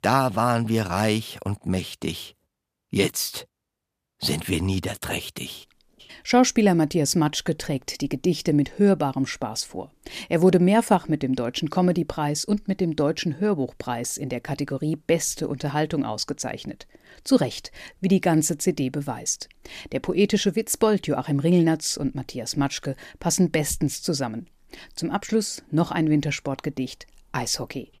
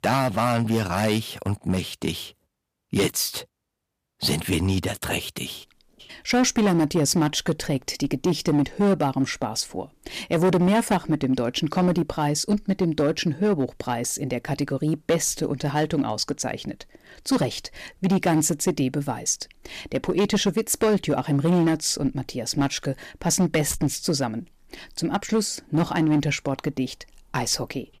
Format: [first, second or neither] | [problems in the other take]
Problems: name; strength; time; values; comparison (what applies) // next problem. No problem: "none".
first | distortion; slight; 6% of the sound clipped